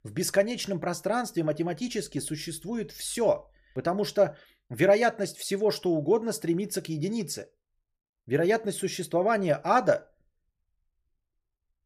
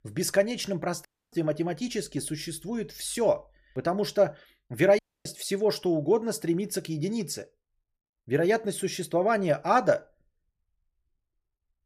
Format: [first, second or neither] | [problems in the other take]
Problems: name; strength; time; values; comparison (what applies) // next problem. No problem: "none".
first | audio cutting out; at 1 s and at 5 s